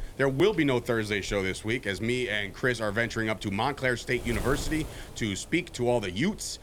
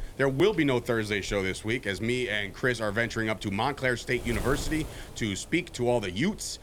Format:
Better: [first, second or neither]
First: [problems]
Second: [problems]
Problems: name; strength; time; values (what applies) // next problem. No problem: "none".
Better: neither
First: wind noise on the microphone; occasional gusts; 20 dB below the speech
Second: wind noise on the microphone; occasional gusts; 20 dB below the speech